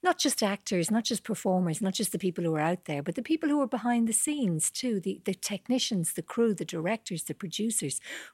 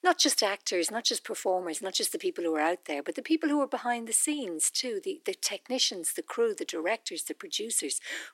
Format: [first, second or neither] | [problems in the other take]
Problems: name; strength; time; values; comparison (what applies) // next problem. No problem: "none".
first | thin; somewhat; fading below 300 Hz